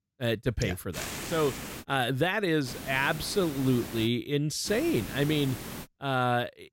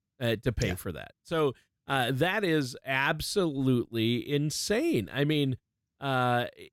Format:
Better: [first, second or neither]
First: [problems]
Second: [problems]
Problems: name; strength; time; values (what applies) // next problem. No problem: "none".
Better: second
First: hiss; noticeable; at 1 s, from 2.5 to 4 s and from 4.5 to 6 s; 10 dB below the speech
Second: none